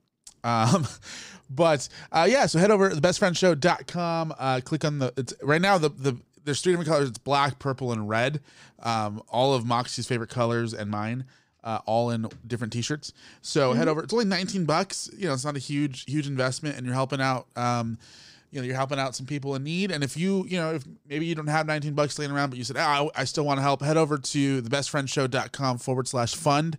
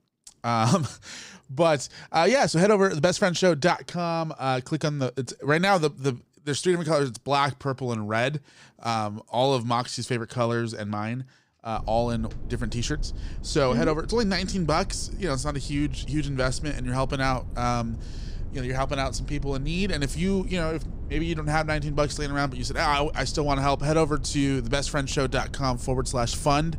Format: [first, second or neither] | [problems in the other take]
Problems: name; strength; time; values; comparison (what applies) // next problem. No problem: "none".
first | low rumble; faint; from 12 s on; 25 dB below the speech